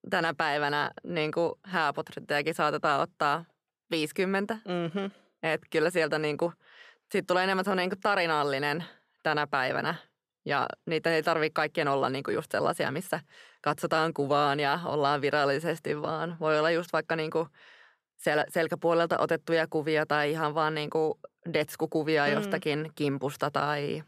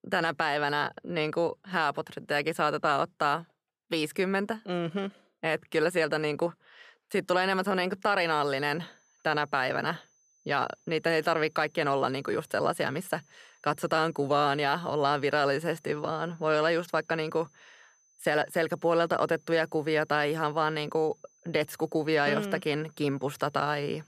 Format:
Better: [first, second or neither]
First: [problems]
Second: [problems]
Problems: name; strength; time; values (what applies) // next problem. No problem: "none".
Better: first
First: none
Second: high-pitched whine; faint; from 8 s on; 6 kHz, 35 dB below the speech